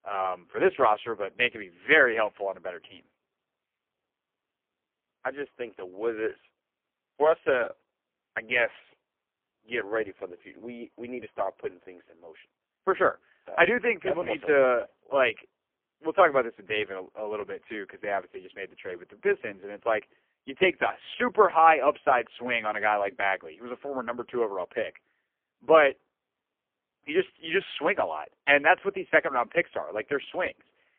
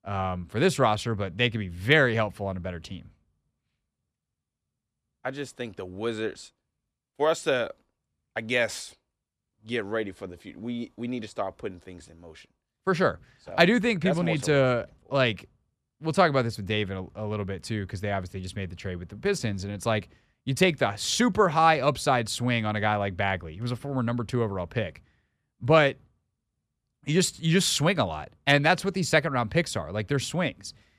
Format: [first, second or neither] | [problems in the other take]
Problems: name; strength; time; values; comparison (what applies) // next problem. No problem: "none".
second | phone-call audio; poor line; nothing above 3 kHz